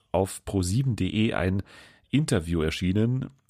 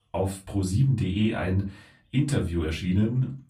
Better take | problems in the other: first | off-mic speech; far // room echo; very slight; dies away in 0.2 s

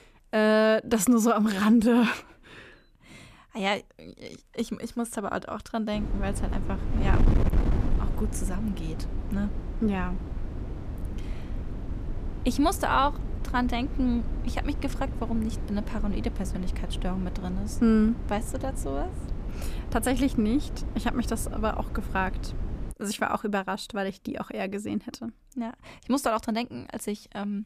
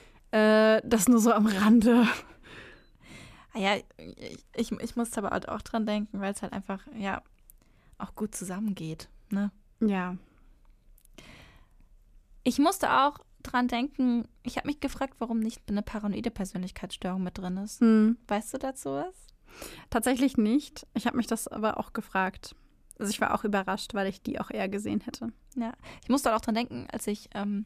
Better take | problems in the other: second | wind noise on the microphone; occasional gusts; from 6 to 23 s; 15 dB below the speech

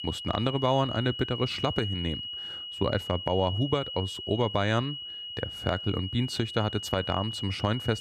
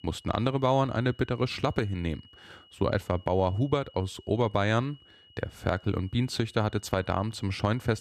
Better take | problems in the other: second | high-pitched whine; loud; throughout; 3 kHz, 6 dB below the speech; faint in the second

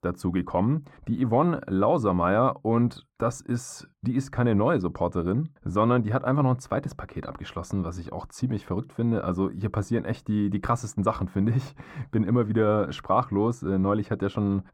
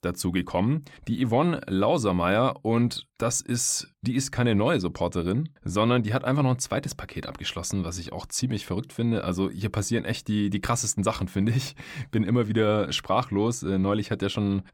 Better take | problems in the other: second | muffled; very; fading above 1.5 kHz

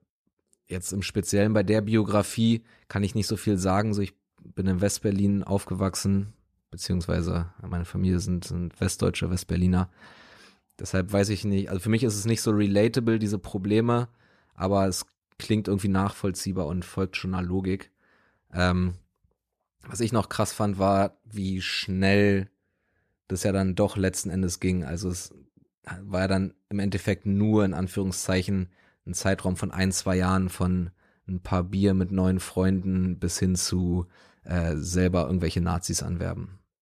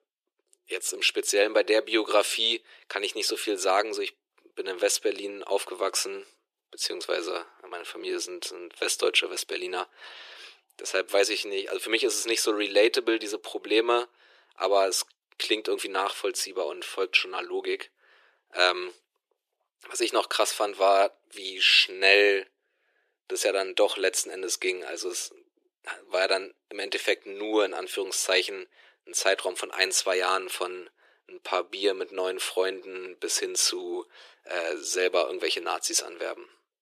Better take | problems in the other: first | thin; very; fading below 350 Hz

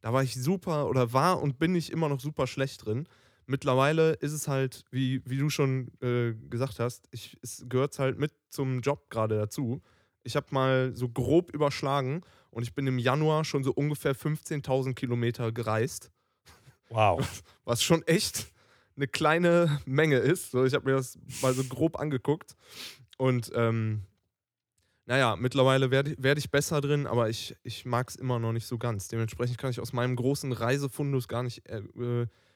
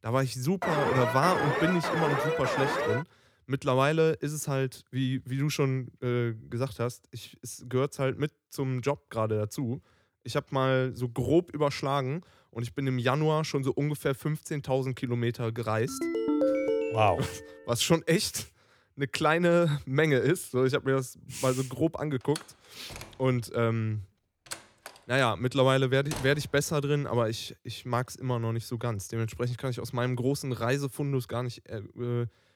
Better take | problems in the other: first | alarm; loud; from 0.5 to 3 s; peak level with the speech // phone ringing; loud; from 16 to 17 s; peak 3 dB above the speech // door banging; noticeable; from 22 to 26 s; peak 9 dB below the speech

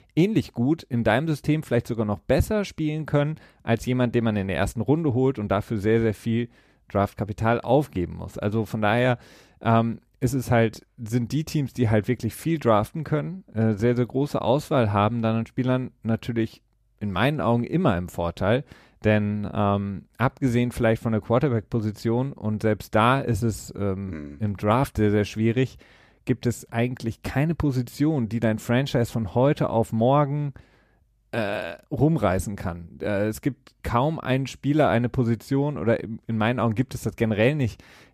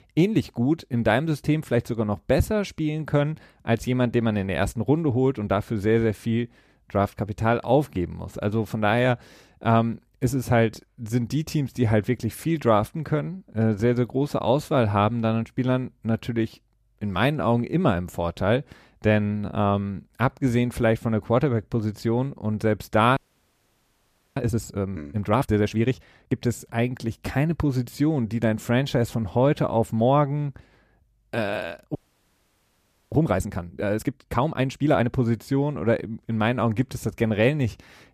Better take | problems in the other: first | audio freezing; at 23 s for 1 s and at 32 s for 1 s

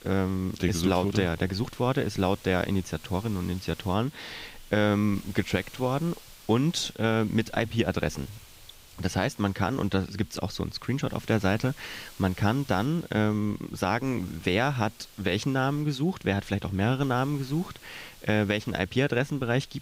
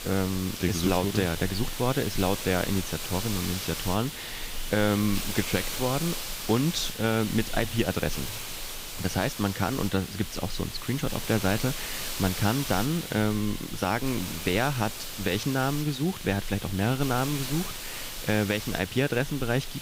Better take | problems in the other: first | hiss; loud; throughout; 6 dB below the speech; faint in the first

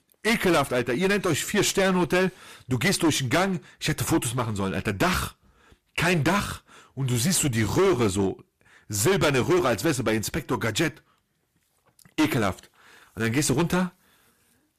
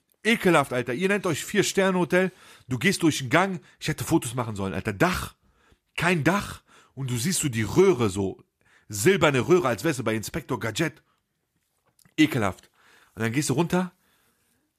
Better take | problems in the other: second | distortion; heavy; 11% of the sound clipped

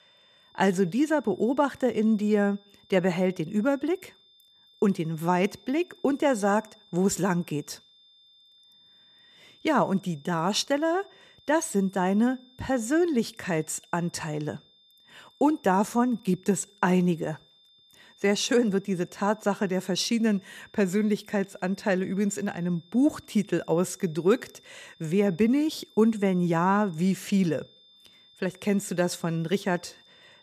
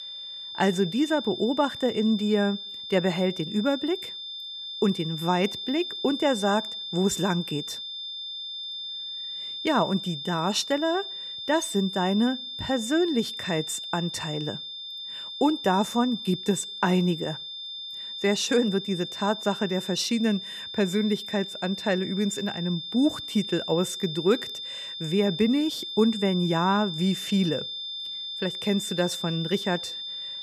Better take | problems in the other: first | high-pitched whine; loud; throughout; 3.5 kHz, 7 dB below the speech; faint in the first

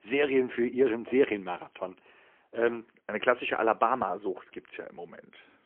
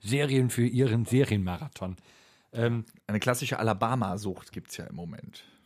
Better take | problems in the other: second | phone-call audio; poor line; nothing above 3 kHz

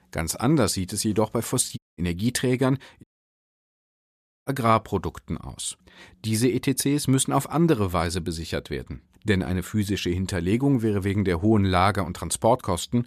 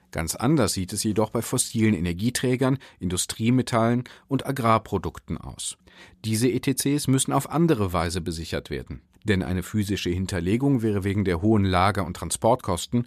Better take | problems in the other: second | audio cutting out; at 2 s and at 3 s for 1.5 s

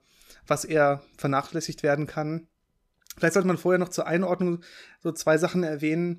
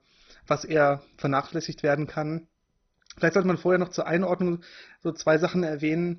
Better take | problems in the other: first | garbled, watery; badly; nothing above 6 kHz

